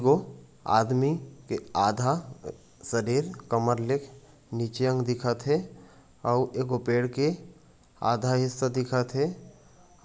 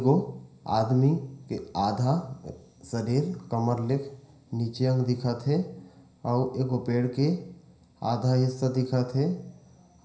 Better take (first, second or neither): first